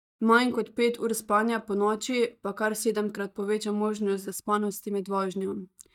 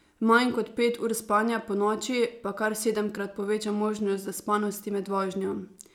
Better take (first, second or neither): second